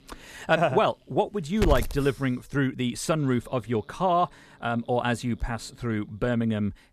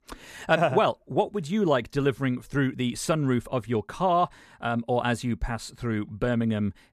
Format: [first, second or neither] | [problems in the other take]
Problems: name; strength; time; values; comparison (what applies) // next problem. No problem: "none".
second | hiss; loud; throughout; 6 dB below the speech